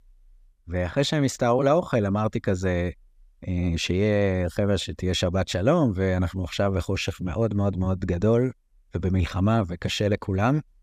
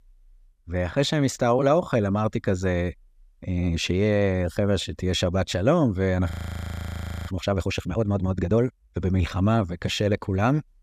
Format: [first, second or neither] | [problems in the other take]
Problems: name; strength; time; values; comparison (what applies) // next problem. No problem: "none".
first | audio freezing; at 6.5 s for 1 s